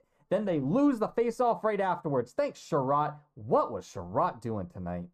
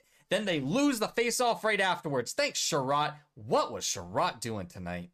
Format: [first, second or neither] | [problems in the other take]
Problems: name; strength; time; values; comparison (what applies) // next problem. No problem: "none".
second | muffled; very; fading above 1.5 kHz